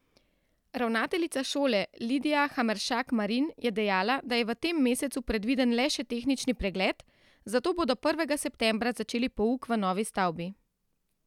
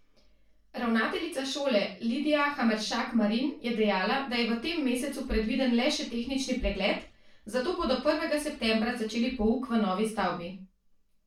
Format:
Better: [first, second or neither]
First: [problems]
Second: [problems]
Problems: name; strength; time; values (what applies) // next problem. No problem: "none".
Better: first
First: none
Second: room echo; dies away in 0.3 s